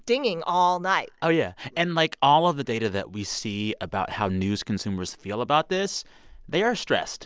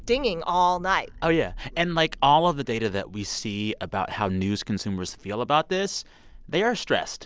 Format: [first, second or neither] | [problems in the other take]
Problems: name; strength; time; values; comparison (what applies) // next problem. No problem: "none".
first | background sound (Thunder); 20 dB below the speech